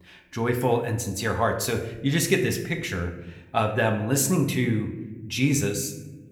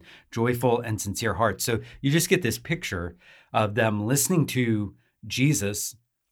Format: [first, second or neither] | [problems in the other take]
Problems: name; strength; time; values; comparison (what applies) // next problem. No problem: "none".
second | room echo; slight; dies away in 0.8 s